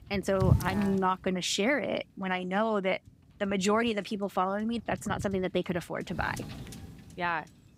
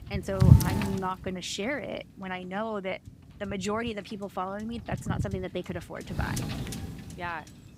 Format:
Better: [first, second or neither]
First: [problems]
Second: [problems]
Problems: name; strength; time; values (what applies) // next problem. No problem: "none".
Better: first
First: wind noise on the microphone; occasional gusts; 15 dB below the speech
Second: wind noise on the microphone; heavy; 3 dB below the speech